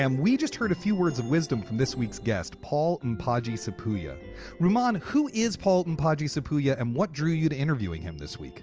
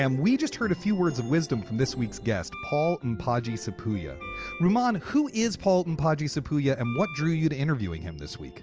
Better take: first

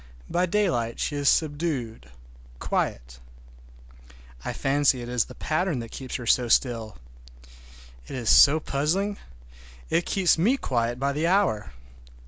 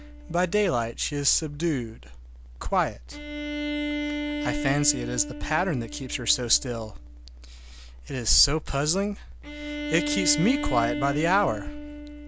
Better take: first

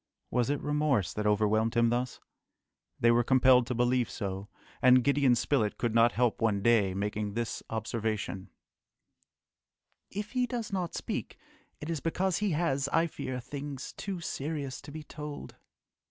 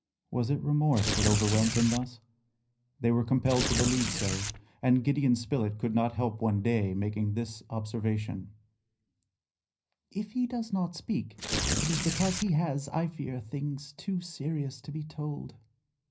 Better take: first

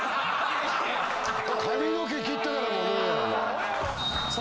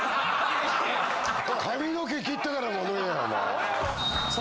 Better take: second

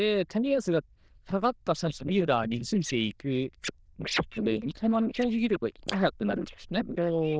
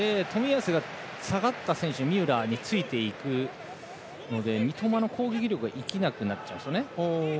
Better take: second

